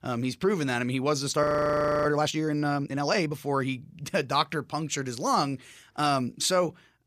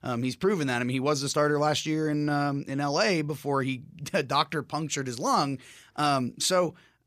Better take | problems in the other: second | audio freezing; at 1.5 s for 0.5 s

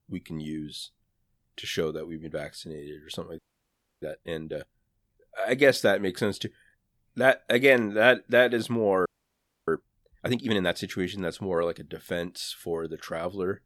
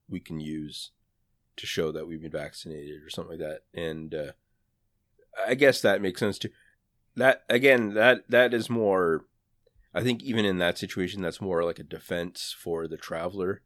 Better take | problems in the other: second | audio freezing; at 3.5 s for 0.5 s and at 9 s for 0.5 s

